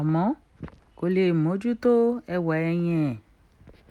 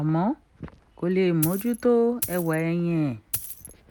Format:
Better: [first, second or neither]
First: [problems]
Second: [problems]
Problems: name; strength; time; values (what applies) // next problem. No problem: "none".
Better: first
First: none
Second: background sound (Coin (dropping)); 9 dB below the speech